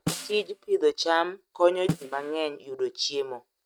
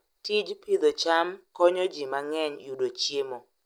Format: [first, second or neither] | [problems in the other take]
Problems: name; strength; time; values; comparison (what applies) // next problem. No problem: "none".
second | noise reduction (neural mask model RNNoise)